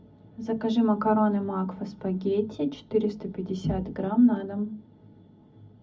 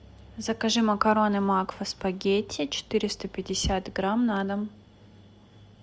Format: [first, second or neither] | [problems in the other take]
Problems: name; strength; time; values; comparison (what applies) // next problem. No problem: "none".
second | room echo; dies away in 0.4 s